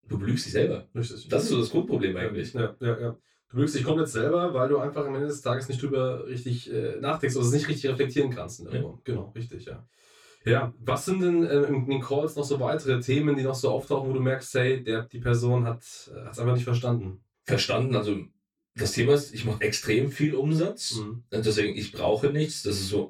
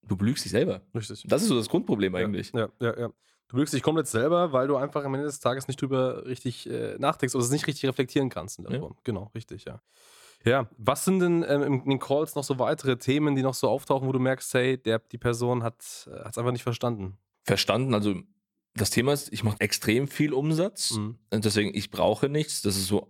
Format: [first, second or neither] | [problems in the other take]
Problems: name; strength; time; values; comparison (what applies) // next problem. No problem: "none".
second | room echo; very slight; dies away in 0.1 s // off-mic speech; far